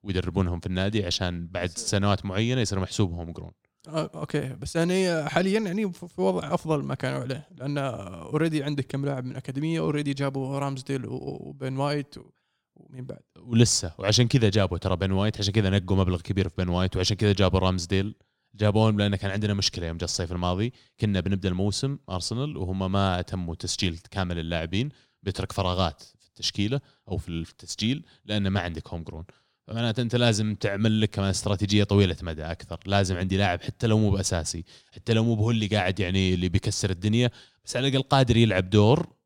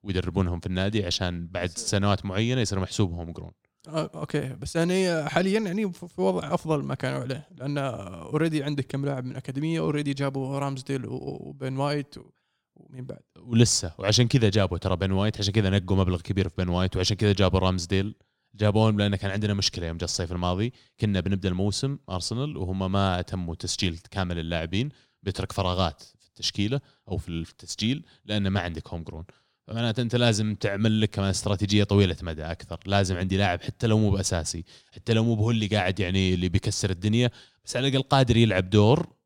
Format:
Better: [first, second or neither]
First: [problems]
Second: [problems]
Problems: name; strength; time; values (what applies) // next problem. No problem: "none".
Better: neither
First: none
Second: none